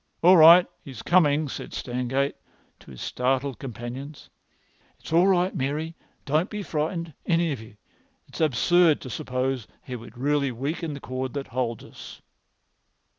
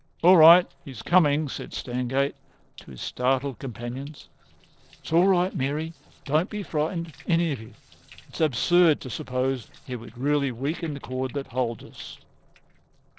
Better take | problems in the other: first | noise reduction (neural separator model SepFormer DNS4)

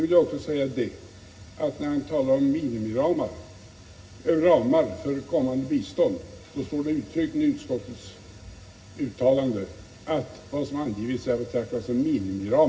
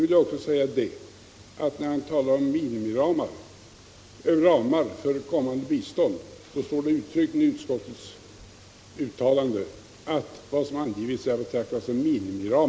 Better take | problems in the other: second | room echo; dies away in 0.4 s

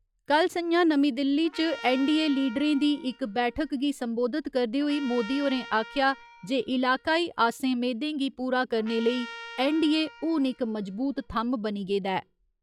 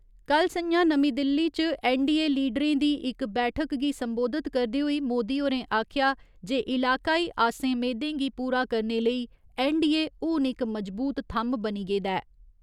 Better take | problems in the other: second | noise reduction (classical method log-MMSE)

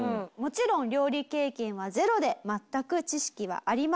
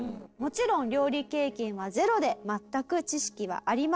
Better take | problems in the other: first | noise reduction (neural separator model SepFormer DNS4)

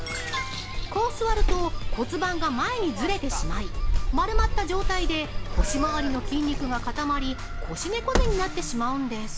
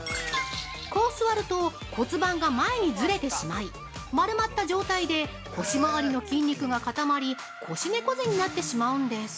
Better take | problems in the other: second | background sound (Sliding door); 2 dB above the speech

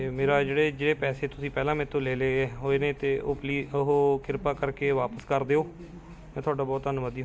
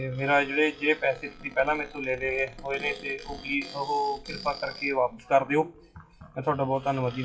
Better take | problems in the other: first | noise reduction (classical method WPE with log-MMSE)

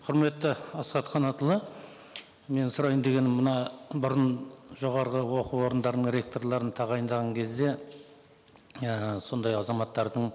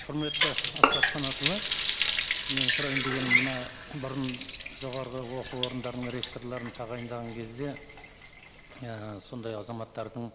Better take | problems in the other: first | background sound (Water tap, faucet + Bowed string instrument); 4 dB above the speech

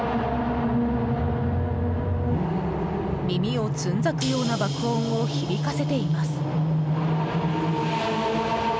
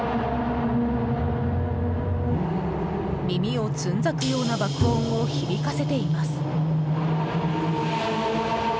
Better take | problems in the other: first | background sound (Bowed string instrument); 9 dB below the speech

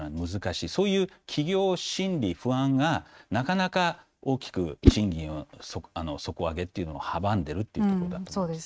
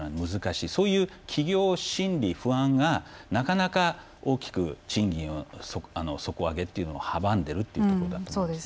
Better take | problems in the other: second | noise reduction (neural mask model RNNoise)

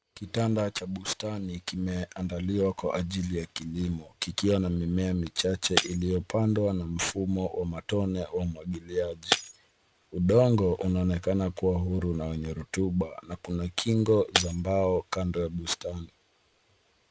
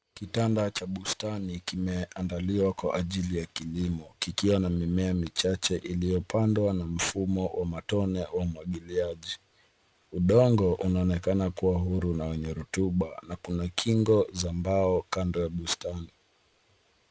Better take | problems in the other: second | background sound (Shatter); 9 dB below the speech

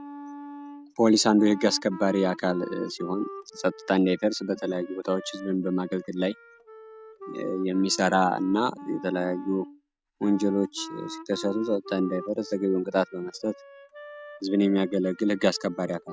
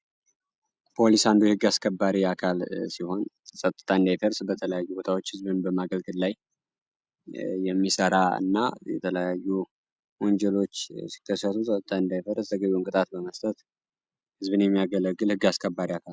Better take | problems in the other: second | background sound (Wind instrument, woodwind instrument); 15 dB below the speech

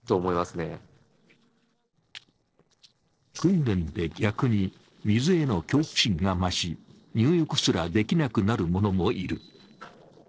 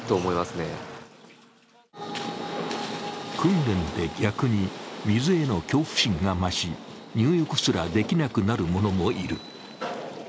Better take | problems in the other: second | noise reduction (neural separator model SepFormer DNS4)

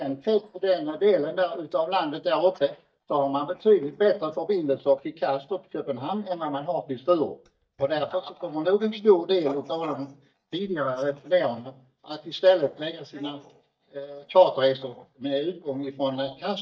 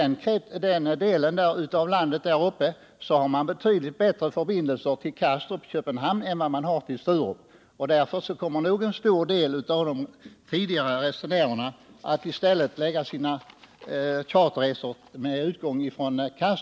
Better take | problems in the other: second | noise reduction (neural mask model DeepFilterNet 3)

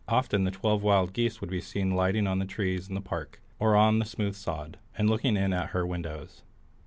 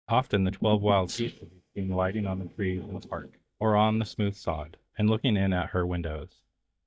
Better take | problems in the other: first | noise reduction (neural mask model DeepFilterNet 3)

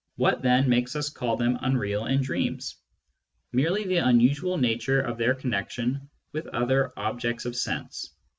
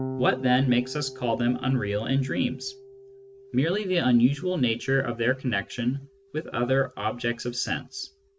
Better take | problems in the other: first | background sound (Electric guitar / Bass guitar); 16 dB below the speech

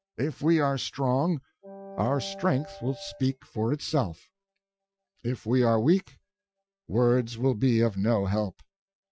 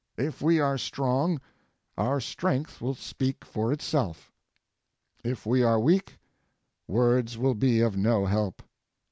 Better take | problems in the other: second | noise reduction (classical method Wiener filter)

